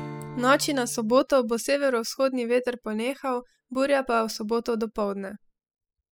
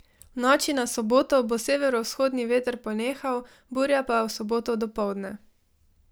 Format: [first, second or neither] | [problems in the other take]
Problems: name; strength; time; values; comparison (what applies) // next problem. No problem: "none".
second | noise reduction (classical method spectral subtraction)